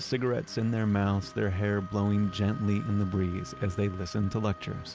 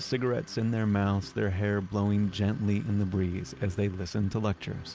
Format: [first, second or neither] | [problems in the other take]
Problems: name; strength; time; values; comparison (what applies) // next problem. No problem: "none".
second | background sound (Wind instrument, woodwind instrument); 20 dB below the speech